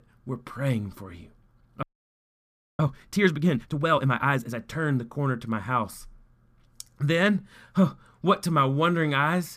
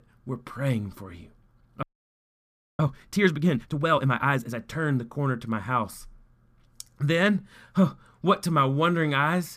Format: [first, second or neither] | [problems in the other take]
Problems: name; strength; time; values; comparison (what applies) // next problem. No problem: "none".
neither | audio freezing; at 2 s for 1 s; the same in both